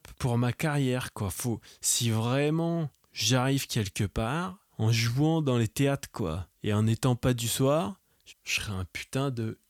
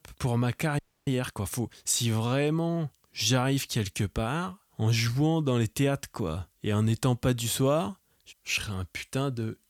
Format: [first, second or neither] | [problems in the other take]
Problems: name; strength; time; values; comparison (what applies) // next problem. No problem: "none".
first | audio freezing; at 1 s